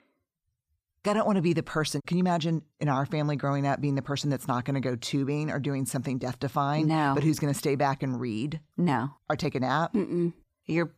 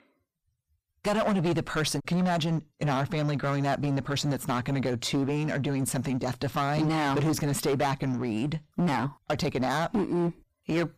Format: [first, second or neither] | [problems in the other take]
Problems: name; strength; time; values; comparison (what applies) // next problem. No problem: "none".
first | distortion; heavy; 16% of the sound clipped